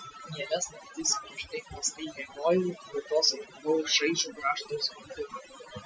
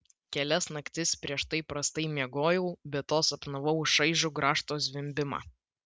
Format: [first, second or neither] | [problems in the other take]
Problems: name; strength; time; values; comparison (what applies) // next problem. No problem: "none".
second | noise reduction (classical method Wiener filter)